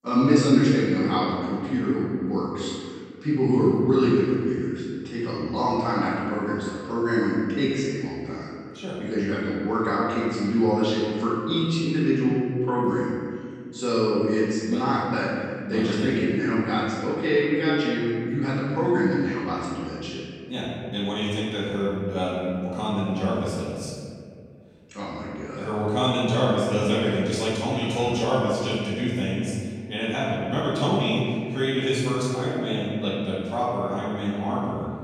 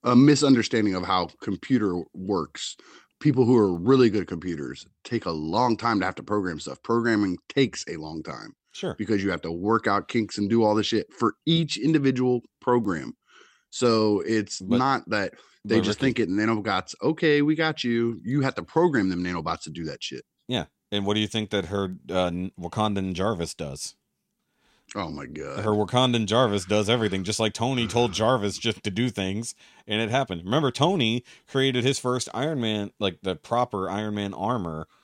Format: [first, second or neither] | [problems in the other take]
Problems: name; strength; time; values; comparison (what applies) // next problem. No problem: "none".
second | off-mic speech; far // room echo; strong; dies away in 2 s